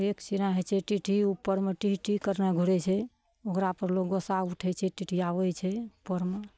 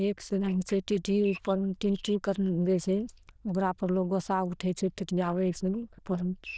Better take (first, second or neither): first